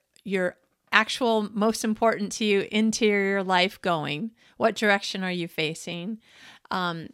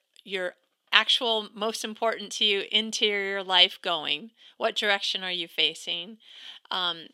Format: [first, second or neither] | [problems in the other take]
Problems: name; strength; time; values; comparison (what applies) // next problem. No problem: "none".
first | thin; somewhat; fading below 350 Hz